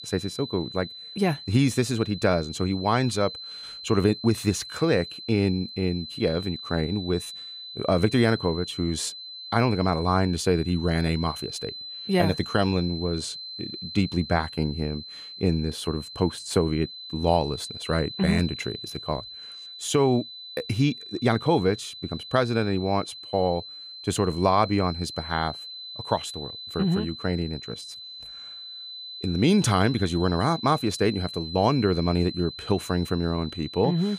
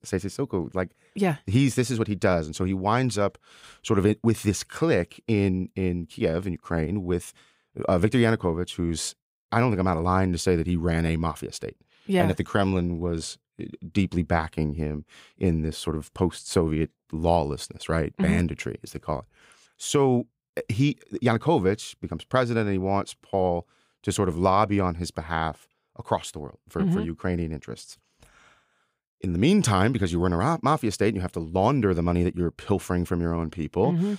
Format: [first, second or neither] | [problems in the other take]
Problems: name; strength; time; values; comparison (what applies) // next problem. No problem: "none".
second | high-pitched whine; noticeable; throughout; 4 kHz, 10 dB below the speech